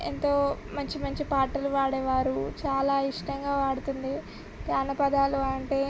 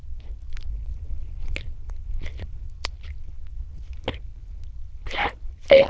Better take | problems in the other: first | noise reduction (neural diffusion model UNIVERSE++)

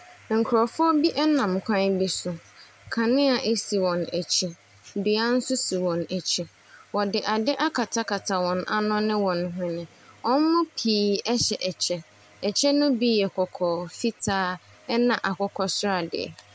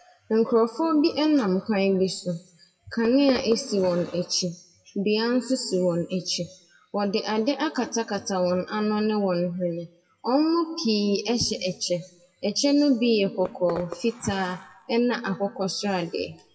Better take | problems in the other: first | noise reduction (classical method WPE with log-MMSE)

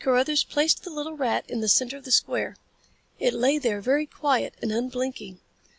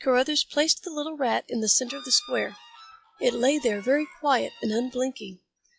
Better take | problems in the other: first | noise reduction (classical method log-MMSE)

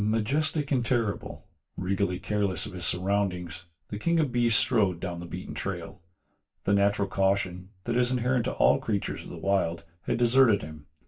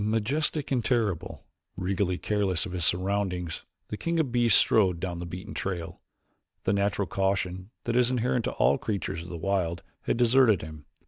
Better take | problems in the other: second | room echo; dies away in 0.2 s

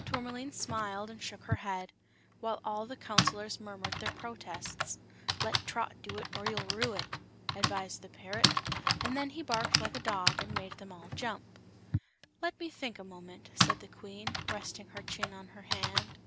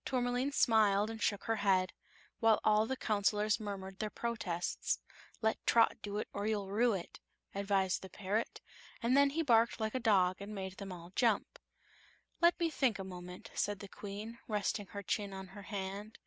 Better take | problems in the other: second | background sound (Typing); 4 dB above the speech

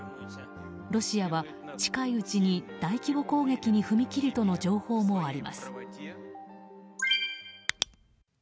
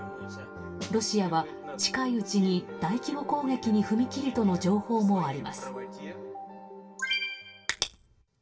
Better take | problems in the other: first | background sound (Snare drum); 14 dB below the speech // room echo; dies away in 0.2 s

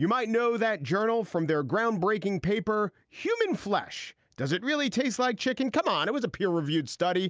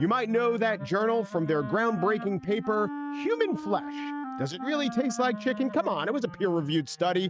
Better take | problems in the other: first | noise reduction (neural mask model RNNoise)

